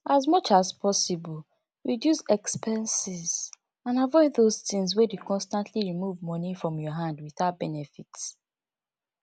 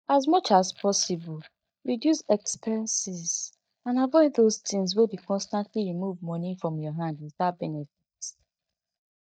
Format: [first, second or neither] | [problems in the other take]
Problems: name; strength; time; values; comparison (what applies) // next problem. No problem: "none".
first | noise reduction (neural mask model DeepFilterNet 3)